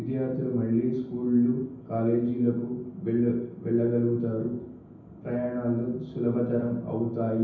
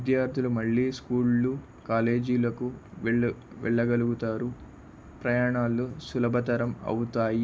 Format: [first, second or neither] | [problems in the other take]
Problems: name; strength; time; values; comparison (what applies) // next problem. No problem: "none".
second | room echo; dies away in 0.9 s